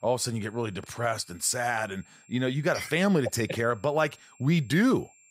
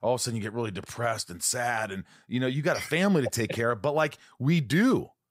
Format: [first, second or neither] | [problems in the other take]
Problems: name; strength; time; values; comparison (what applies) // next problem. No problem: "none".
second | high-pitched whine; faint; throughout; 7.5 kHz, 30 dB below the speech